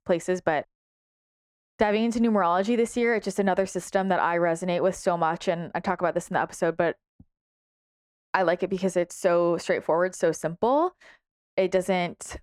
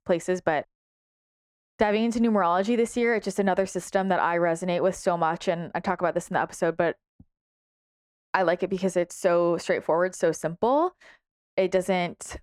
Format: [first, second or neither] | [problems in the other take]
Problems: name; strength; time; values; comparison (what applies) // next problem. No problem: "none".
neither | muffled; very; fading above 3 kHz; the same in both